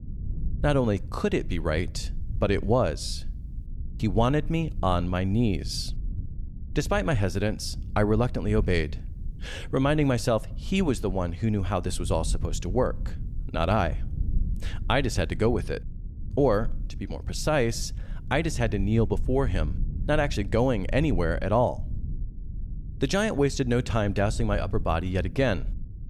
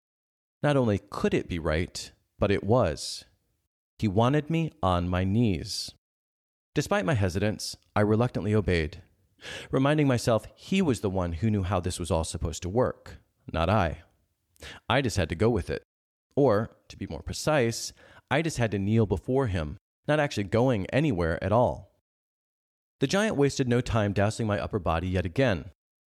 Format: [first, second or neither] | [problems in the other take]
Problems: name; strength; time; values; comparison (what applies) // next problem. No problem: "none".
second | low rumble; faint; throughout; 25 dB below the speech